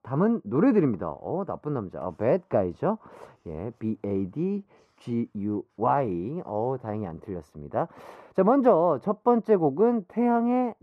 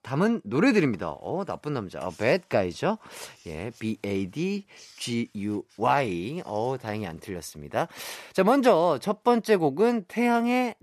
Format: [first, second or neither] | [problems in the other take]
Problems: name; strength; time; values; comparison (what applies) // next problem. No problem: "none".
second | muffled; very; fading above 2 kHz